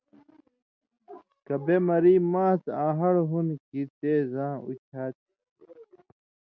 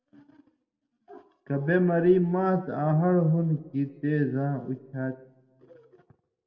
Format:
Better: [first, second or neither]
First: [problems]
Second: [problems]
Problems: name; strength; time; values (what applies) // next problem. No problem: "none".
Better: first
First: none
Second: room echo; dies away in 0.9 s